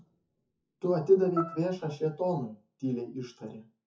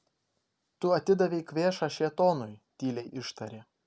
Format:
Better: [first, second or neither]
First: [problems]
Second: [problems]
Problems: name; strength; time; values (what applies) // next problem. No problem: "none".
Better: second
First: noise reduction (classical method WPE with log-MMSE)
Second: none